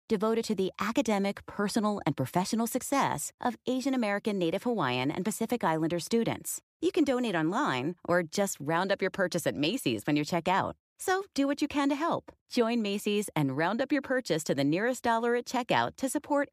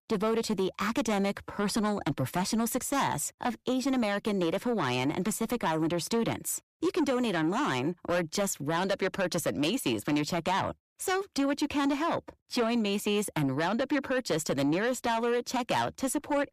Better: first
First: none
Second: distortion; slight; 10 dB below the speech

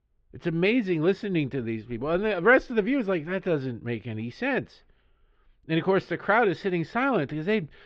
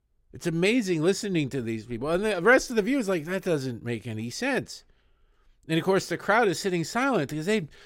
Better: second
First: muffled; slightly; fading above 3.5 kHz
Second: none

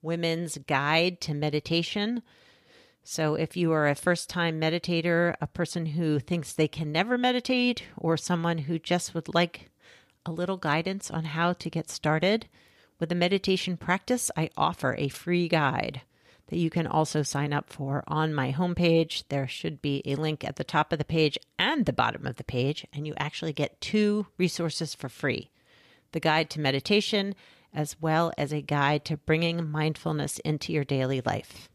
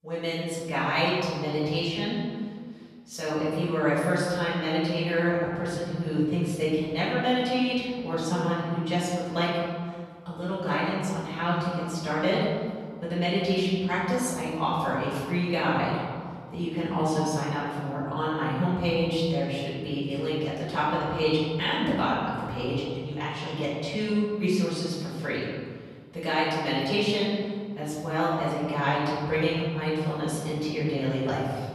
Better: first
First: none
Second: room echo; strong; dies away in 1.7 s // off-mic speech; far

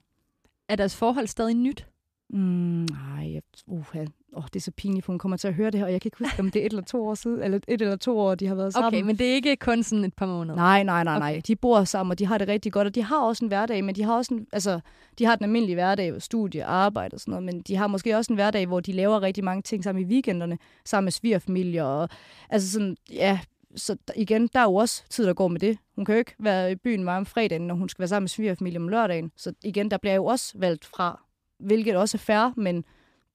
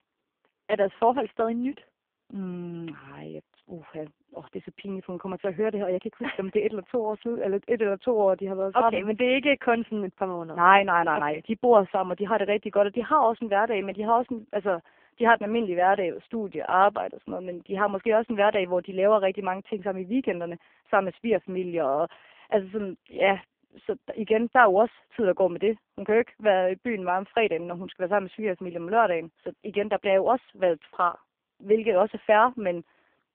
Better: first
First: none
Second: phone-call audio; poor line; nothing above 3 kHz

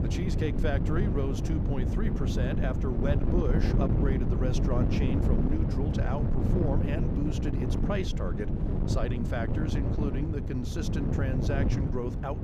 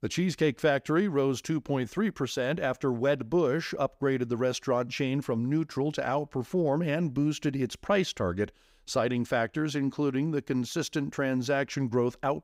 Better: second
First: wind noise on the microphone; heavy; 1 dB below the speech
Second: none

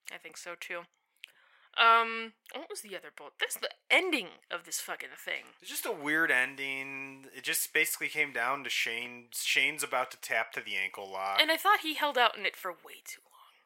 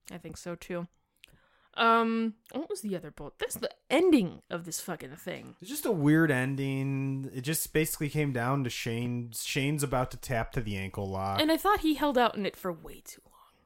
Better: second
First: thin; very; fading below 650 Hz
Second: none

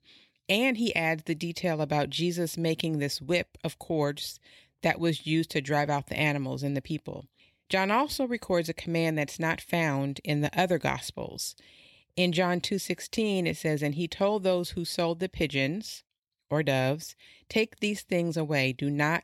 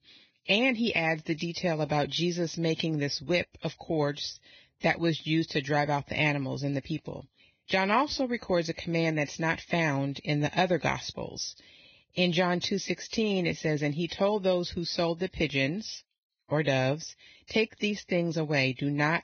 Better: first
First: none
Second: garbled, watery; badly; nothing above 6.5 kHz

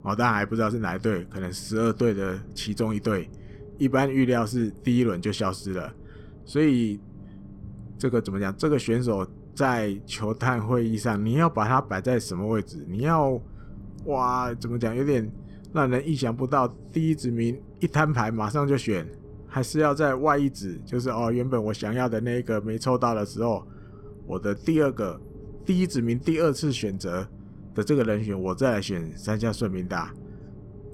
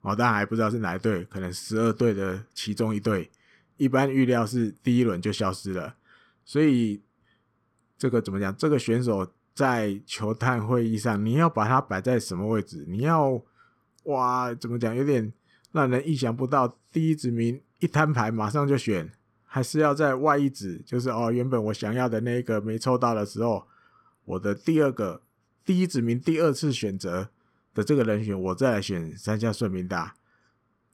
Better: second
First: low rumble; faint; throughout; 25 dB below the speech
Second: none

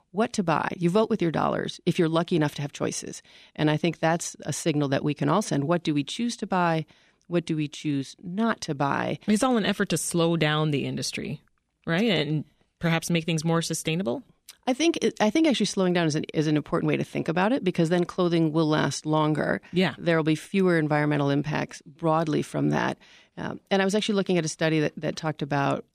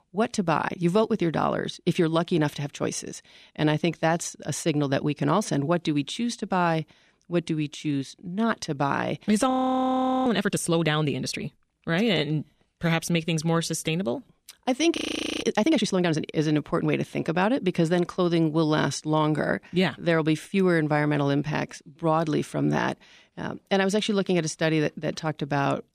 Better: first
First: none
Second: audio freezing; at 9.5 s for 1 s and at 15 s

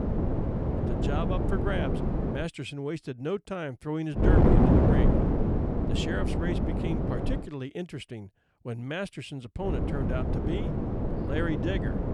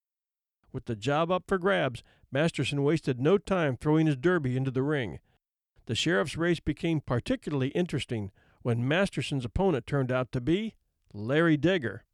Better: second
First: wind noise on the microphone; heavy; until 2.5 s, from 4 to 7.5 s and from 9.5 s on; 3 dB above the speech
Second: none

